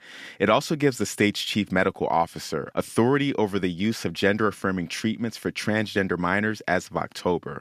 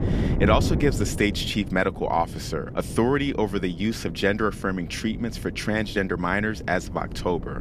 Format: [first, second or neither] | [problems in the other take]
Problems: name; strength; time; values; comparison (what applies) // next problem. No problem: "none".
first | wind noise on the microphone; occasional gusts; 15 dB below the speech